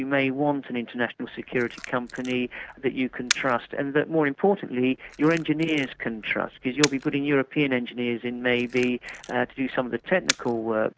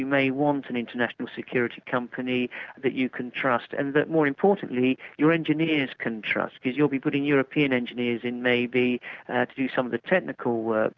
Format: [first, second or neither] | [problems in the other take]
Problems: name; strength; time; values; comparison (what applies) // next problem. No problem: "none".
second | background sound (Camera); 11 dB below the speech